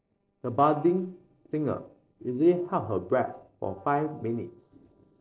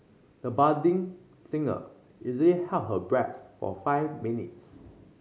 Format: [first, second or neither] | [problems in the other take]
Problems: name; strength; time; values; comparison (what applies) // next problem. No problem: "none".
second | noise reduction (neural separator model SepFormer DNS4)